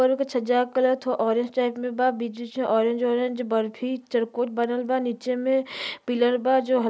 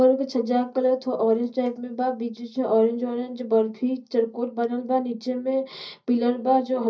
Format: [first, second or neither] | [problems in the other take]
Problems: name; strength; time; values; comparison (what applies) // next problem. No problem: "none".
first | noise reduction (neural mask model DeepFilterNet 3)